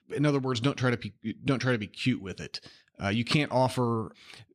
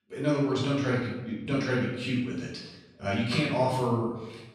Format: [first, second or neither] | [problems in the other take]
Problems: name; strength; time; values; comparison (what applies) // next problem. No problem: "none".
first | off-mic speech; far // room echo; noticeable; dies away in 0.8 s